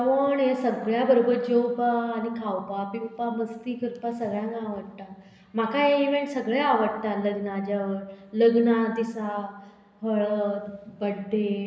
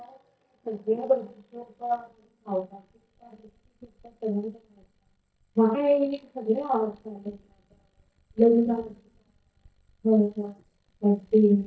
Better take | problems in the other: first | noise reduction (neural mask model DeepFilterNet 3)

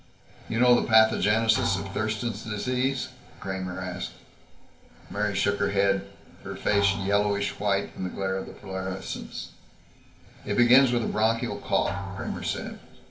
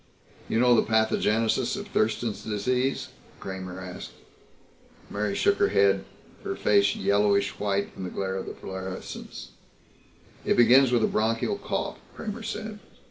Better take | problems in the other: second | background sound (Drum); 14 dB below the speech // room echo; dies away in 0.4 s

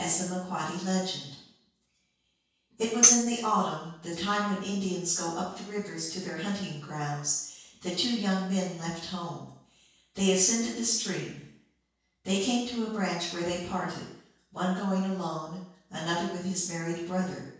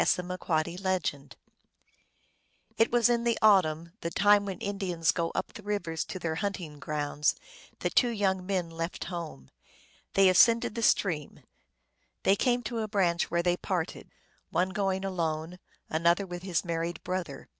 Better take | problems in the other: second | background sound (Tambourine); 4 dB above the speech // room echo; dies away in 0.6 s

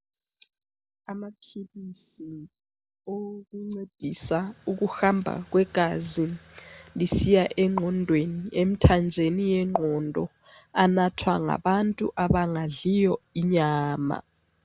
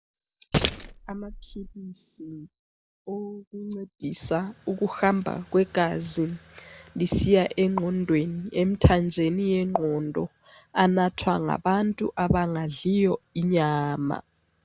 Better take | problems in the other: first | background sound (Keys jangling); 5 dB below the speech

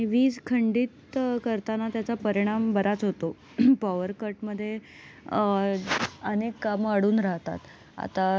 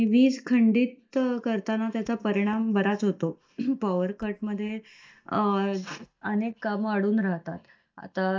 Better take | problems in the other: first | noise reduction (neural mask model DeepFilterNet 3)

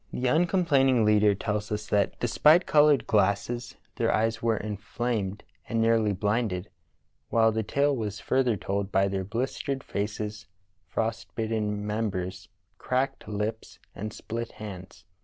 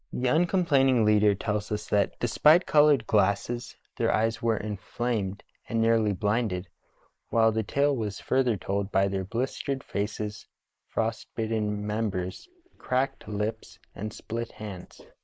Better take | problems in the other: first | noise reduction (neural mask model Resemble Enhance denoiser)

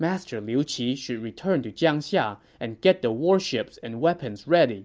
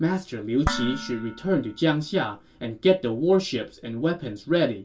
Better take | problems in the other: first | background sound (Dishes, pots, and pans); 11 dB below the speech // room echo; dies away in 0.2 s

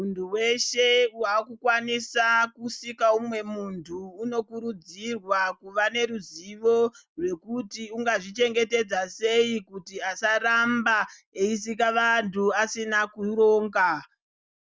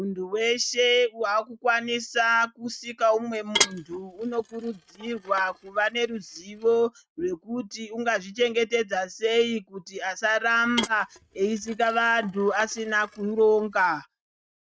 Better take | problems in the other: first | noise reduction (neural mask model RNNoise)

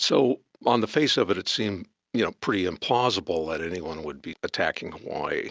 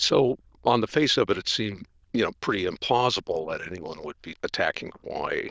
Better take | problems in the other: first | noise reduction (neural diffusion model UNIVERSE++)

